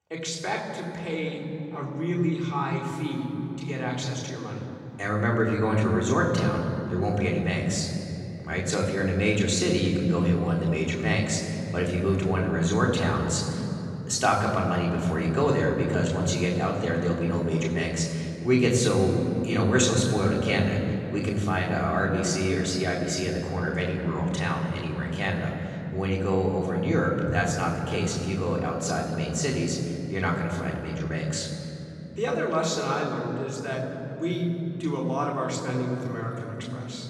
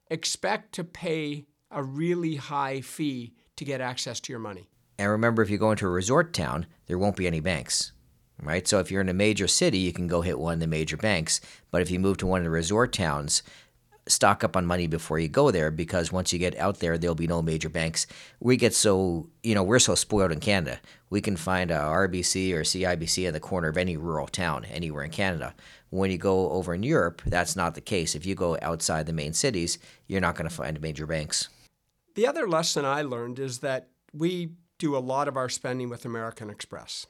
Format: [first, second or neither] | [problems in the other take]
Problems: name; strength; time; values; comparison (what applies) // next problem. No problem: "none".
second | room echo; noticeable; dies away in 3 s // off-mic speech; far